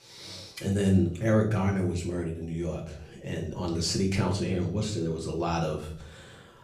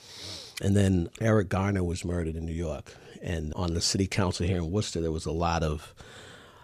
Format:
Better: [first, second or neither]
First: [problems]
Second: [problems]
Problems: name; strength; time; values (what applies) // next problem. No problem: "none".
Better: second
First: room echo; slight; dies away in 0.5 s // off-mic speech; far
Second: none